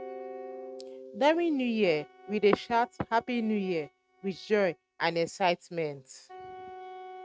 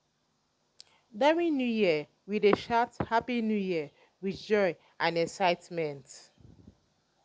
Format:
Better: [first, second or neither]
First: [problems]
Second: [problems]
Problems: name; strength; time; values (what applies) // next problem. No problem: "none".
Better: second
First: noise reduction (neural mask model RNNoise)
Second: none